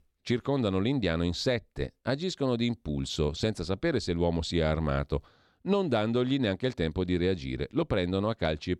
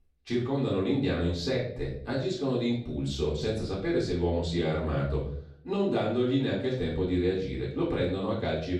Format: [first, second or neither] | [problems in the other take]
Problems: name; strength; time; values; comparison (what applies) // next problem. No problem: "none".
first | off-mic speech; far // room echo; noticeable; dies away in 0.5 s